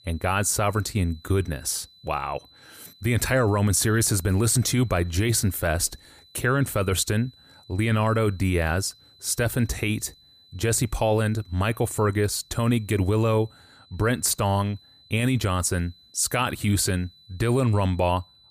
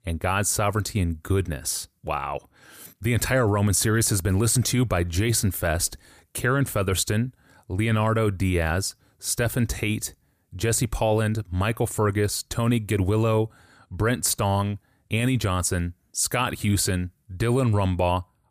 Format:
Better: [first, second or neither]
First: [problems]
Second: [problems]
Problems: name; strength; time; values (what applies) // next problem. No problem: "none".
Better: second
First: high-pitched whine; faint; throughout; 4 kHz, 30 dB below the speech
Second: none